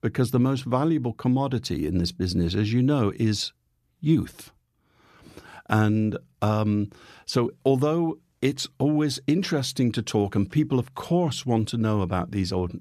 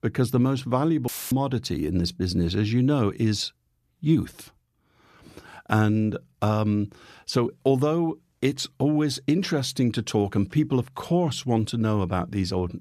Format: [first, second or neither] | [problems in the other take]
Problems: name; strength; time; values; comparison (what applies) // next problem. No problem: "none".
first | audio cutting out; filled with static; at 1 s